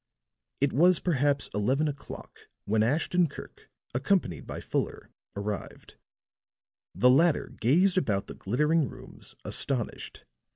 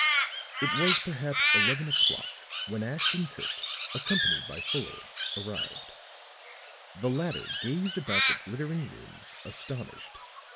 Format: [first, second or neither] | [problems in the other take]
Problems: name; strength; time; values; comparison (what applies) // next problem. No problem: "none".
first | background sound (Crow); 4 dB above the speech